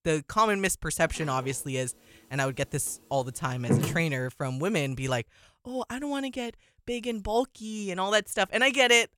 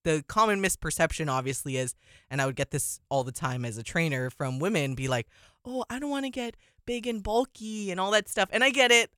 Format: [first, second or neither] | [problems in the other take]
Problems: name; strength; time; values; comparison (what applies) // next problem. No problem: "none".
second | door banging; loud; at 3.5 s; peak 1 dB above the speech